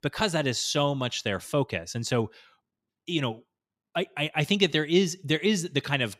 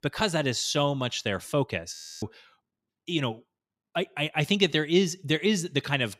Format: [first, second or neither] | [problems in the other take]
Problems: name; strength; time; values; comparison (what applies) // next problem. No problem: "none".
first | audio freezing; at 2 s